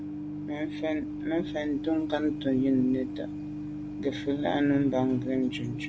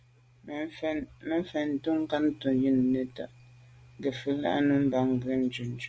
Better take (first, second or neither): second